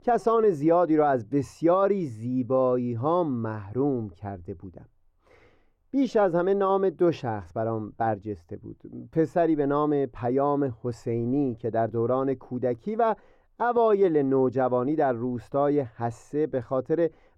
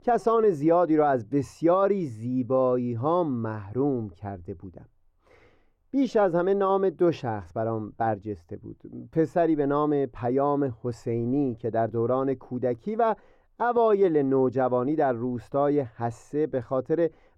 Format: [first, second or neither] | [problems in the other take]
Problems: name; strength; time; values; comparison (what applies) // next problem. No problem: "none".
neither | muffled; very; fading above 2 kHz; the same in both